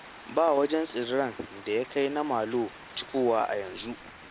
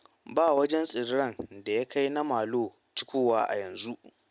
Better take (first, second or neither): second